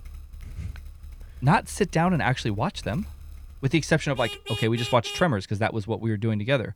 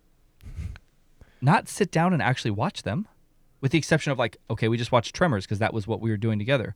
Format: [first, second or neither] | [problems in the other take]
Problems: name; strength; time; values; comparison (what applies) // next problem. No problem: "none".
second | traffic noise; noticeable; throughout; 15 dB below the speech